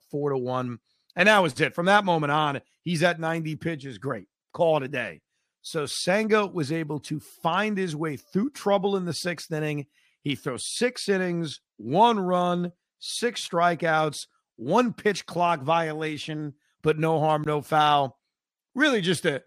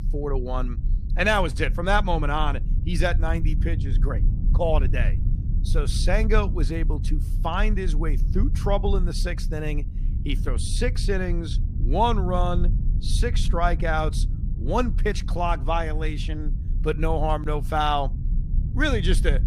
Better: first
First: none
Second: low rumble; noticeable; throughout; 15 dB below the speech

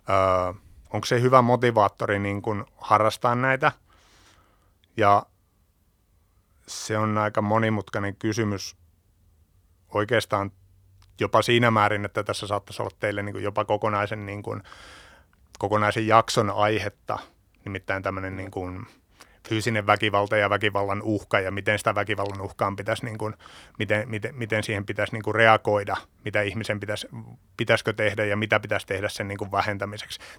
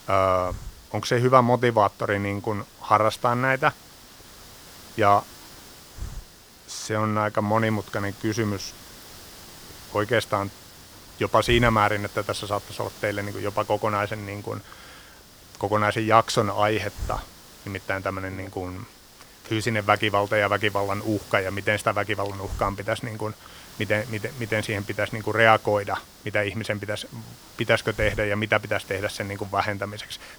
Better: first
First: none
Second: hiss; noticeable; throughout; 20 dB below the speech

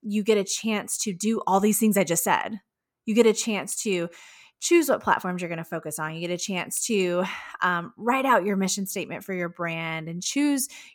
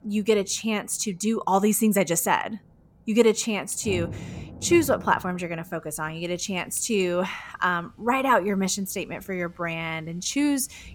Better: first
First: none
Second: rain or running water; noticeable; throughout; 15 dB below the speech

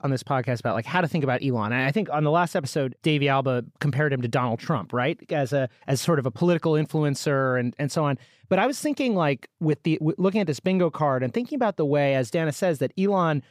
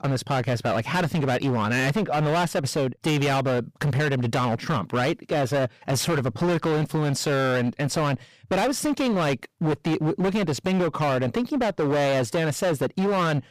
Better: first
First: none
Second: distortion; heavy; 25% of the sound clipped

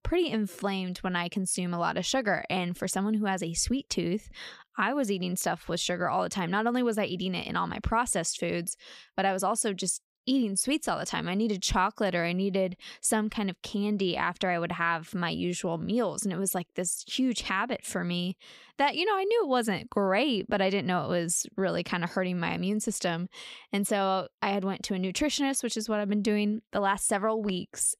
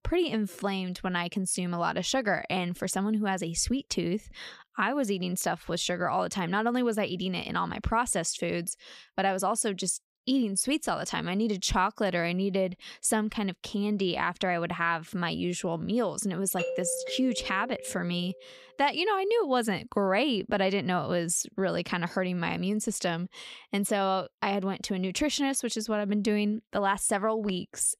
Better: first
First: none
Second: doorbell; noticeable; from 17 to 18 s; peak 4 dB below the speech

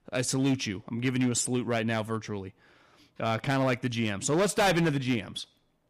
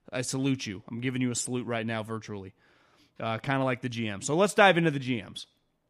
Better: second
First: distortion; heavy; 6% of the sound clipped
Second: none

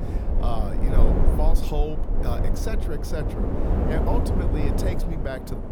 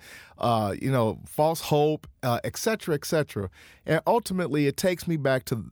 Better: second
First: wind noise on the microphone; heavy; as loud as the speech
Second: none

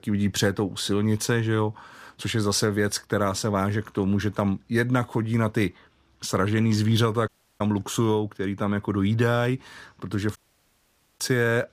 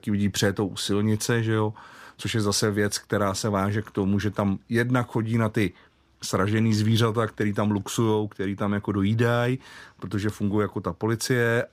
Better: second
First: audio cutting out; at 7.5 s and at 10 s for 1 s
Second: none

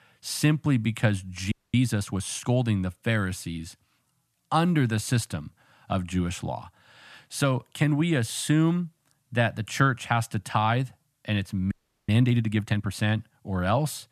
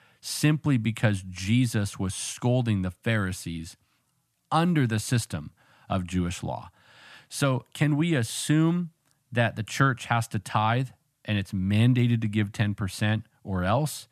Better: second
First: audio freezing; at 1.5 s and at 12 s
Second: none

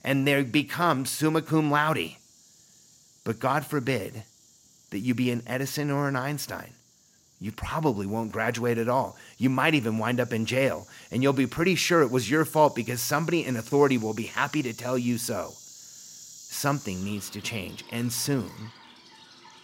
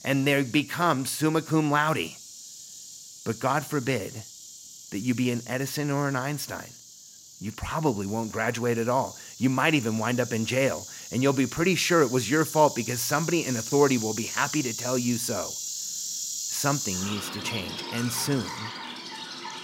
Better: first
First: animal sounds; faint; throughout; 20 dB below the speech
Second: animal sounds; loud; throughout; 9 dB below the speech

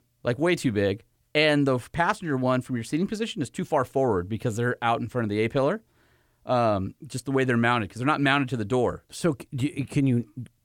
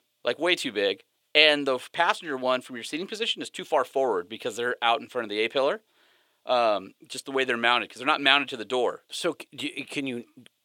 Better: first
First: none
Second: thin; somewhat; fading below 500 Hz

